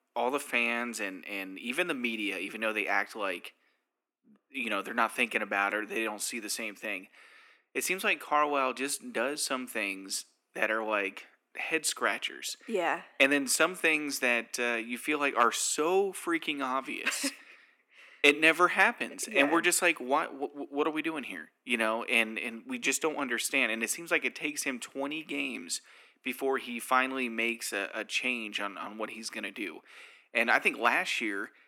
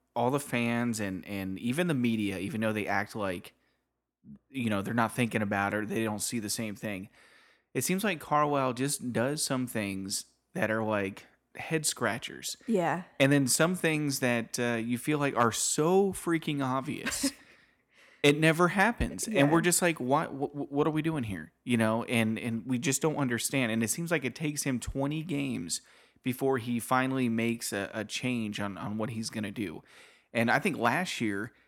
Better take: second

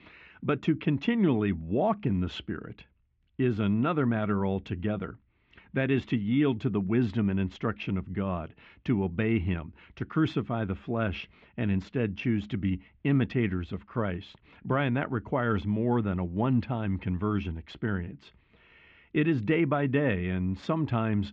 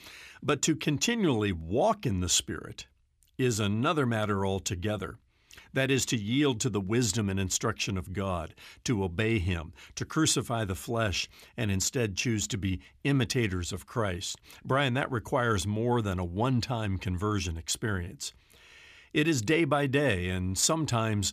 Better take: second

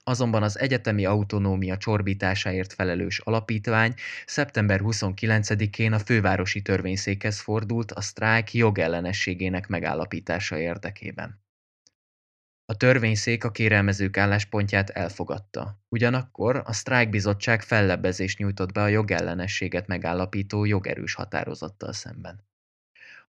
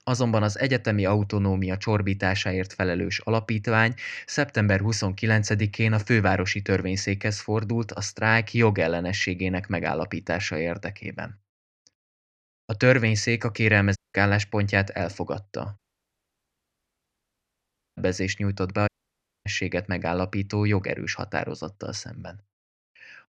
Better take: first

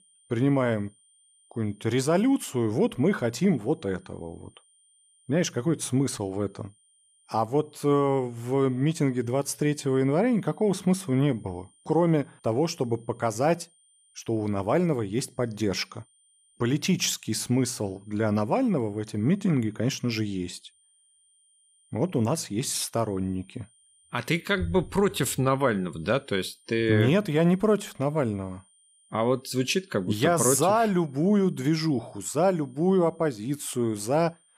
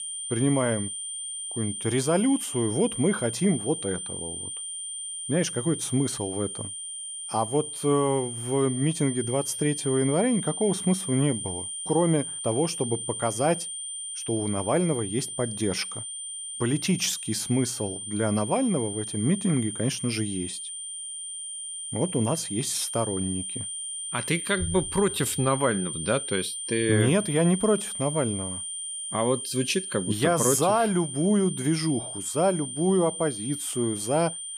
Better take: first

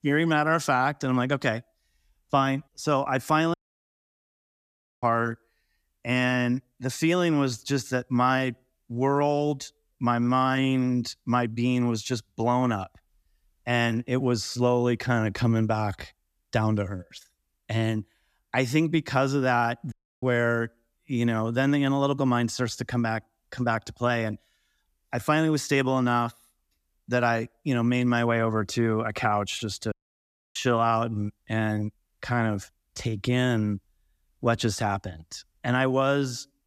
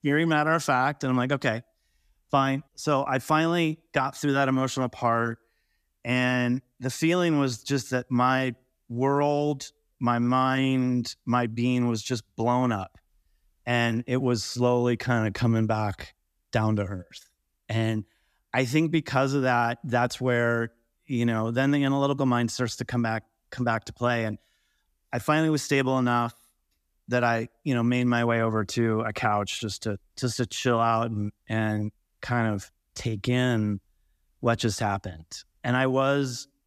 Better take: second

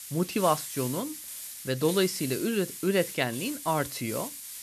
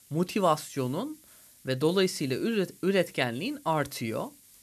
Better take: second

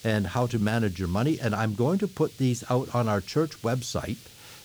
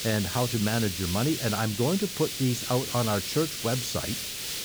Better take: first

